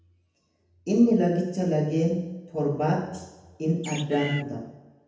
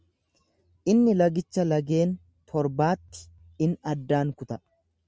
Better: second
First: background sound (Bird); 10 dB below the speech // room echo; dies away in 0.9 s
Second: none

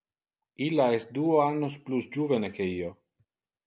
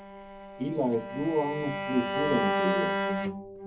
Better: first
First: none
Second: background sound (Bowed string instrument); as loud as the speech // room echo; dies away in 0.3 s

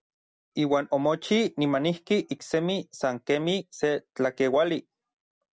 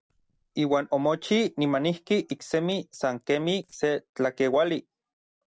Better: first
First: none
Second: noise reduction (neural separator model SepFormer DNS4)

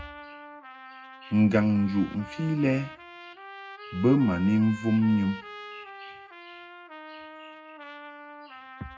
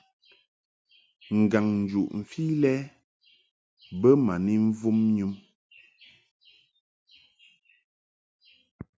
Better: second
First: background sound (Trumpet); 16 dB below the speech // room echo; dies away in 0.3 s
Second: none

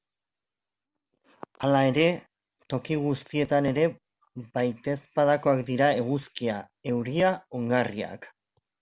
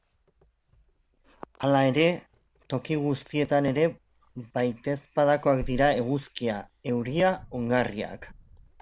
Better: first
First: none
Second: background sound (Wind); 19 dB below the speech

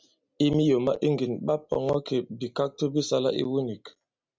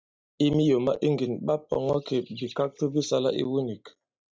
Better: first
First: none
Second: noise reduction (neural mask model DeepFilterNet 3)

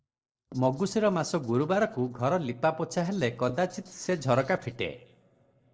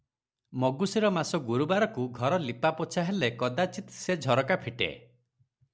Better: second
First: noise reduction (neural separator model SepFormer DNS4)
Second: none

